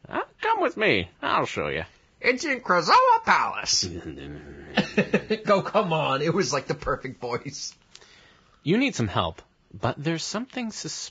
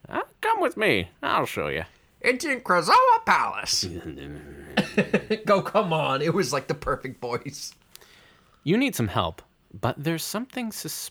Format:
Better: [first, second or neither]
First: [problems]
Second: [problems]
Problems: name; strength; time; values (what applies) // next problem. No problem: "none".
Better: second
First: garbled, watery; badly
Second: none